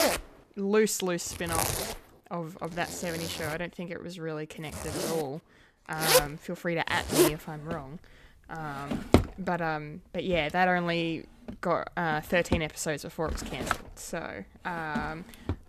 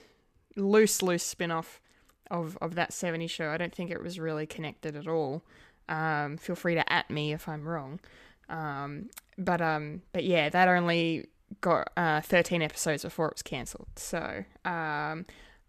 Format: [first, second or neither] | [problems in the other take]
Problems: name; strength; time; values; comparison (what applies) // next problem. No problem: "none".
second | household noises; very loud; throughout; 2 dB above the speech